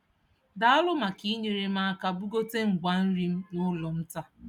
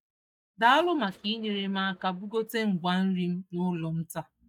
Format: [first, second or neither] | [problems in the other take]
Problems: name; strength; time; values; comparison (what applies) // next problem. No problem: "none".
first | noise reduction (neural mask model DeepFilterNet 3)